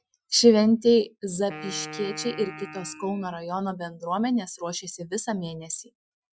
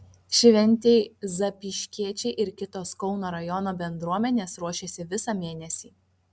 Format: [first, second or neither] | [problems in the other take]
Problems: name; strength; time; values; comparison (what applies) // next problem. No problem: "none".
second | noise reduction (classical method Wiener filter)